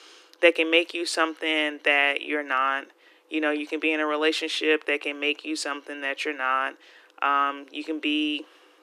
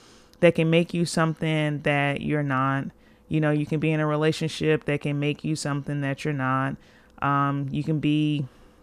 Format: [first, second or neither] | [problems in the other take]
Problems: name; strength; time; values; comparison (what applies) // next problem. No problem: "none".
second | thin; somewhat; fading below 300 Hz